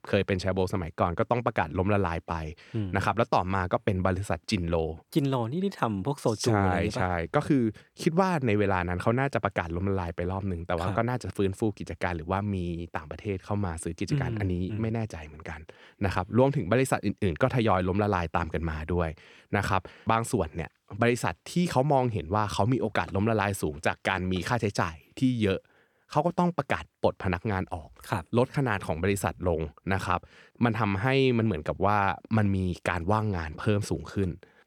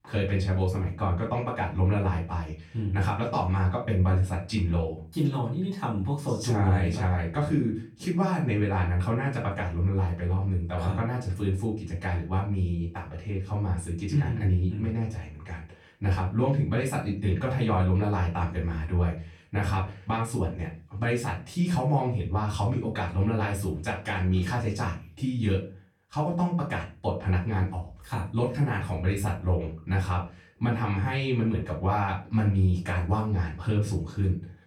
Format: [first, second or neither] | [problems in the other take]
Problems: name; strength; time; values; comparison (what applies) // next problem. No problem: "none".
first | room echo; slight; dies away in 0.3 s // off-mic speech; far